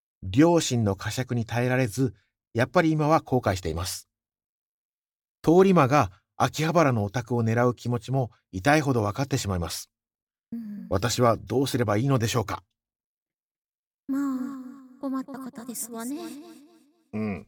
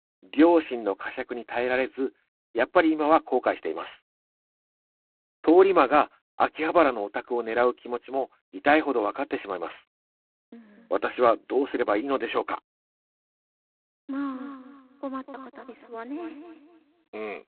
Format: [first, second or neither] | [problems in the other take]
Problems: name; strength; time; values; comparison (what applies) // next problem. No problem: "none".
first | phone-call audio; poor line; nothing above 4 kHz